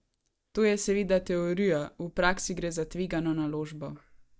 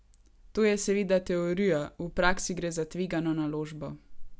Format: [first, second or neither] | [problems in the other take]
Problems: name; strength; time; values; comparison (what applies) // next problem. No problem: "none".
second | noise reduction (neural mask model DeepFilterNet 3)